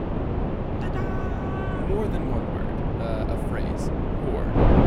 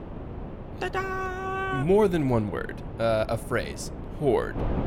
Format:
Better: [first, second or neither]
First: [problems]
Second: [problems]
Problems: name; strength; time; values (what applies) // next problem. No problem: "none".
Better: second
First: wind noise on the microphone; heavy; 4 dB above the speech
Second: wind noise on the microphone; occasional gusts; 15 dB below the speech